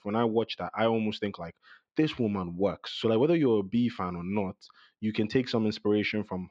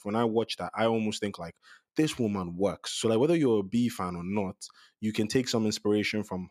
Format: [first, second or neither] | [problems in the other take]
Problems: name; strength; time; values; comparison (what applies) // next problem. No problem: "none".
second | muffled; very slightly; fading above 4 kHz